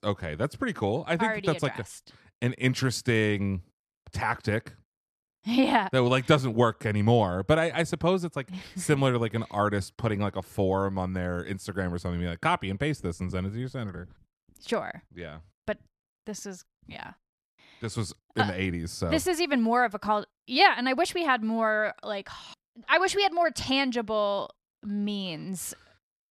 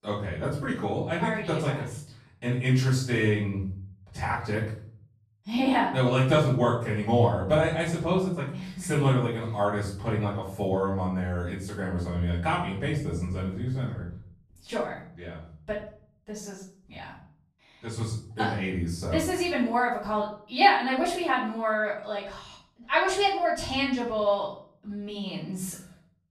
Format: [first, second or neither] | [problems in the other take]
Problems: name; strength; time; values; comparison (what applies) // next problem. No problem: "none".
first | room echo; noticeable; dies away in 0.5 s // off-mic speech; far